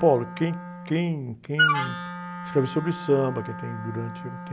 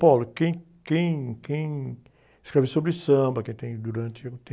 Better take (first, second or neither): second